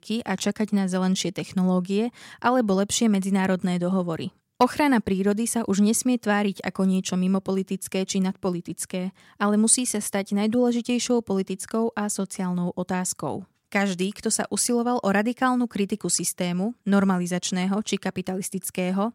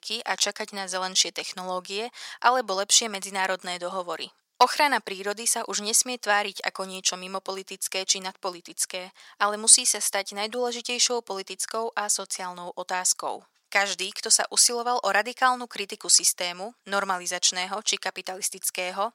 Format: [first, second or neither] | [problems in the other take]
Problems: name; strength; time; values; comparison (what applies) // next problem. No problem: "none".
first | thin; very; fading below 800 Hz